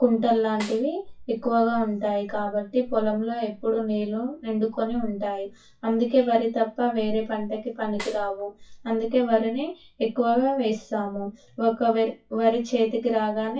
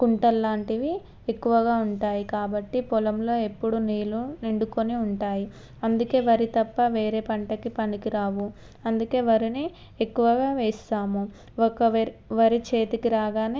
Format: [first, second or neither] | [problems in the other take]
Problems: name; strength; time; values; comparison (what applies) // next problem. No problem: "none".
second | noise reduction (classical method WPE with log-MMSE)